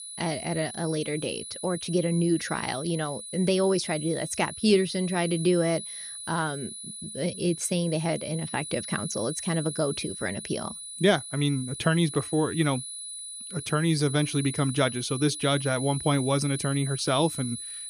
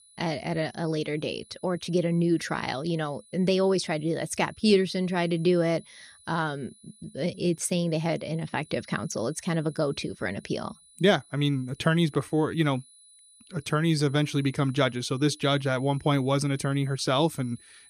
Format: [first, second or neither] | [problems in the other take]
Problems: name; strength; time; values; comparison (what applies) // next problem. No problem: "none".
second | high-pitched whine; loud; throughout; 10 kHz, 8 dB below the speech; faint in the second